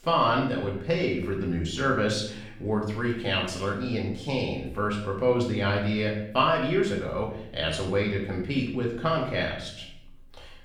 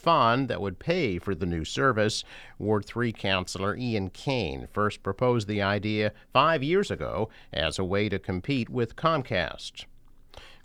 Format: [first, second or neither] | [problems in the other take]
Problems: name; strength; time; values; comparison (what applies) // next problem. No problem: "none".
second | room echo; noticeable; dies away in 0.6 s // off-mic speech; far